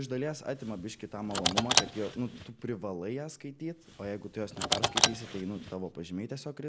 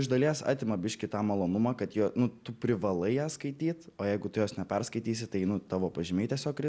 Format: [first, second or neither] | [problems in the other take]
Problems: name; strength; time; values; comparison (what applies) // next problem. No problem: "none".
second | background sound (Car); 3 dB above the speech